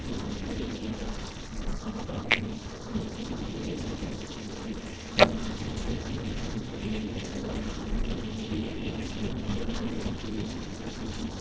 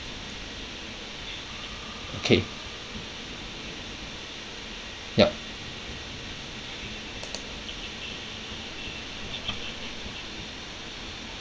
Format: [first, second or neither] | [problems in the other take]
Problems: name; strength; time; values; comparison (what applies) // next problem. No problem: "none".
second | noise reduction (neural separator model SepFormer DNS4)